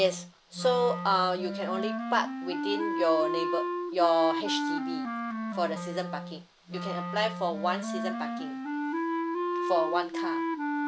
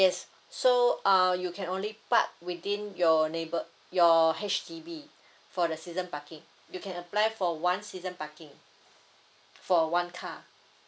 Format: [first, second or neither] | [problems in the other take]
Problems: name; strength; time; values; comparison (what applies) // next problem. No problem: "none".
second | background sound (Wind instrument, woodwind instrument); 2 dB below the speech